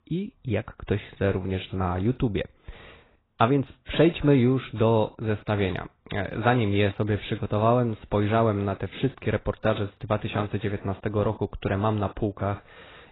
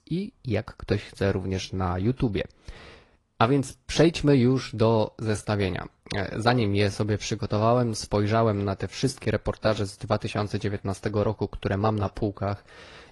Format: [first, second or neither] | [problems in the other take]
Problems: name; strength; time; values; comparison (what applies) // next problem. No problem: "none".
second | garbled, watery; badly; nothing above 4 kHz; slightly in the second